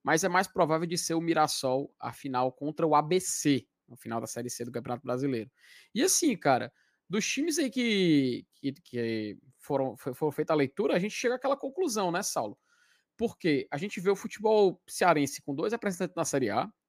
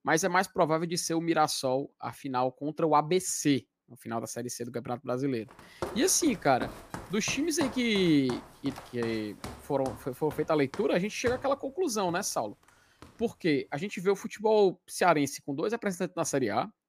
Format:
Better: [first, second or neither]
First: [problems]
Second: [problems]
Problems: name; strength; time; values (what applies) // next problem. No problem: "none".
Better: first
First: none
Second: footsteps; noticeable; from 5.5 to 13 s; peak 10 dB below the speech